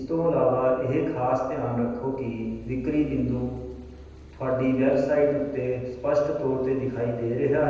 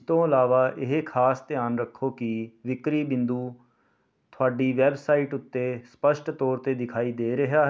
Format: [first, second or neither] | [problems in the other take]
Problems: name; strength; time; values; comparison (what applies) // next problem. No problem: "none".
second | background sound (Car passing by / Idling / Accelerating, revving, vroom); 20 dB below the speech // room echo; dies away in 1.1 s